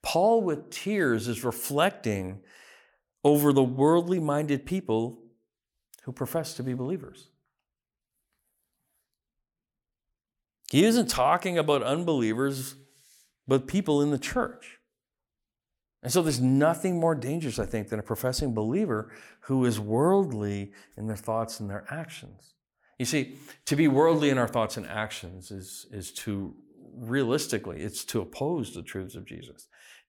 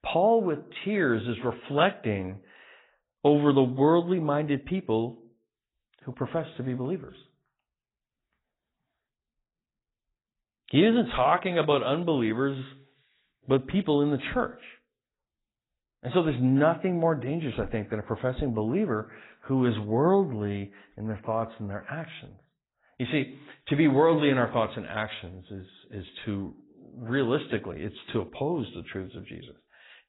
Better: first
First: none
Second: garbled, watery; badly; nothing above 4 kHz

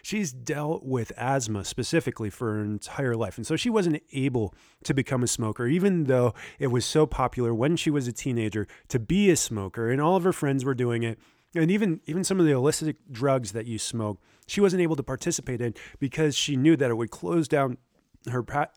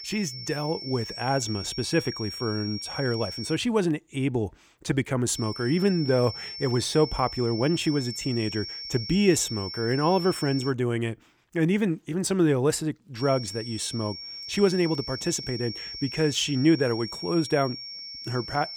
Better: first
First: none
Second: high-pitched whine; loud; until 3.5 s, from 5.5 to 11 s and from 13 s on; 5.5 kHz, 9 dB below the speech

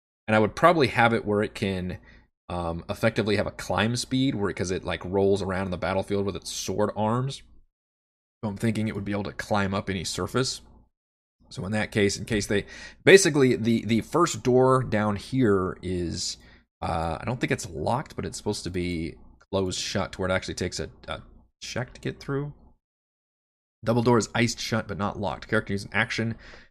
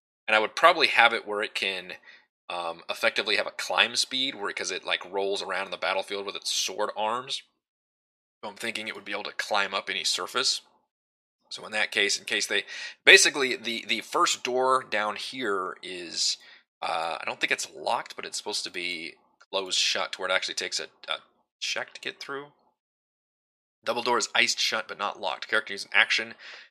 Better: first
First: none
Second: thin; very; fading below 600 Hz

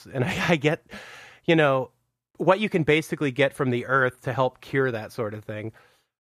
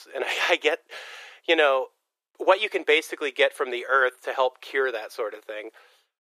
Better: first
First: none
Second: thin; very; fading below 400 Hz

